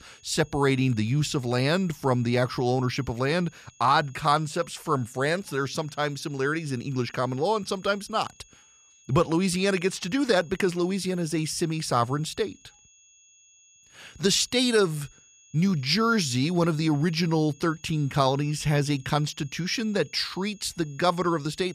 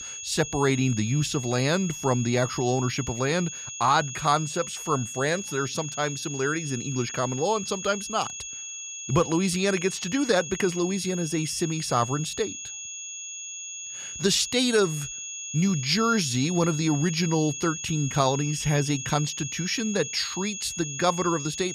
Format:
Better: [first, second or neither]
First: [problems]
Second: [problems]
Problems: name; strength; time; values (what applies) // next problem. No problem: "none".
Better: first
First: high-pitched whine; faint; throughout; 6.5 kHz, 30 dB below the speech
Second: high-pitched whine; loud; throughout; 6.5 kHz, 8 dB below the speech